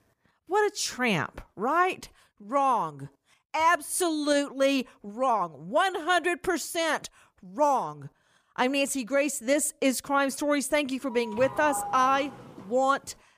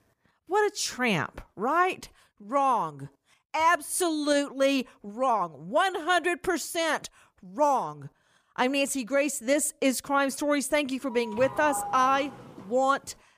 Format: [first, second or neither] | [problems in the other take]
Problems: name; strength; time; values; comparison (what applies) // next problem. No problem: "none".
neither | doorbell; noticeable; from 11 to 13 s; peak 8 dB below the speech; the same in both